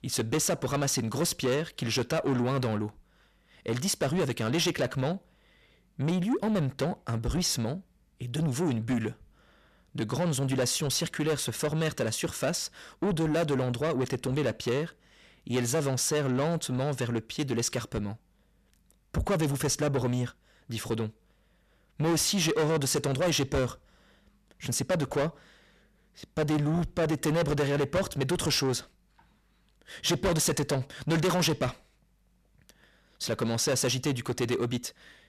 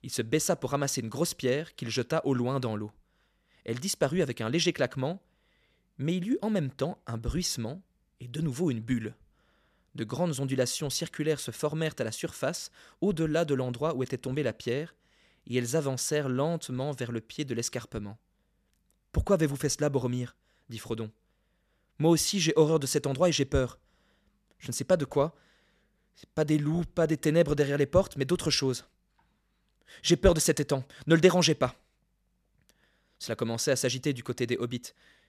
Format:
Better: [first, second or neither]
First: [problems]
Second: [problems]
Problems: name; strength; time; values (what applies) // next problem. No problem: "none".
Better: second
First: distortion; heavy; 6 dB below the speech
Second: none